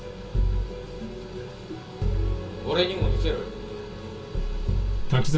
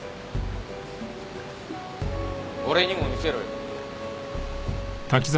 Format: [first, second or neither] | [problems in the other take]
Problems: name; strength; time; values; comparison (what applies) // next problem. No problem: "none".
second | room echo; dies away in 0.2 s